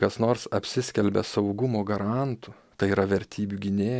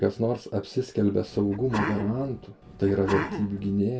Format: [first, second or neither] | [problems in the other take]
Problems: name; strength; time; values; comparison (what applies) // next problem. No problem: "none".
first | background sound (Sneeze); 8 dB below the speech // room echo; dies away in 0.2 s